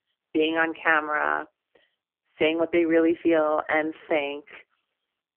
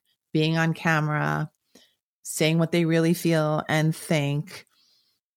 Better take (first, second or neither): second